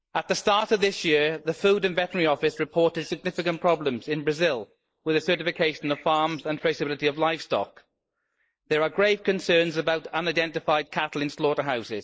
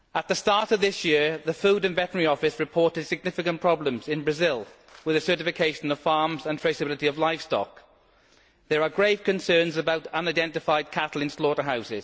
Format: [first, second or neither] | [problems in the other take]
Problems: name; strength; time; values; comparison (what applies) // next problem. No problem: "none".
second | noise reduction (neural mask model Resemble Enhance denoiser)